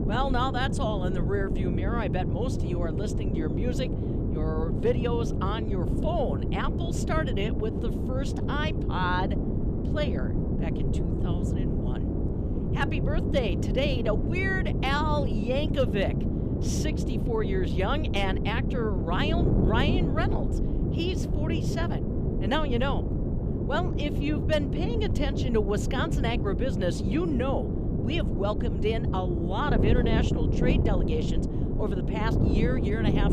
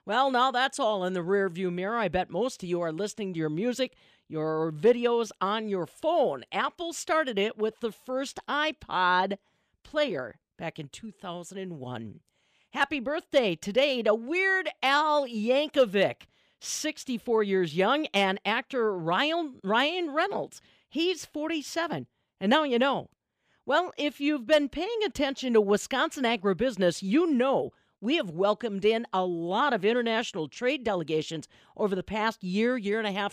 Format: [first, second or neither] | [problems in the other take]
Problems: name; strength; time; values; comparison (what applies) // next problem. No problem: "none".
second | wind noise on the microphone; heavy; 5 dB below the speech